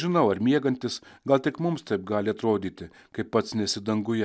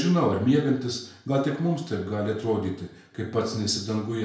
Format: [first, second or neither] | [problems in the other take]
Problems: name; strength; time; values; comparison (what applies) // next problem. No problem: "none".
first | room echo; dies away in 0.5 s